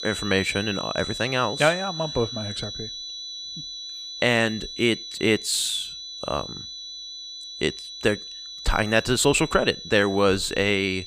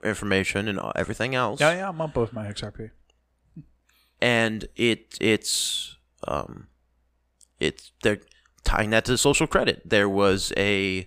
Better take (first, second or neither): second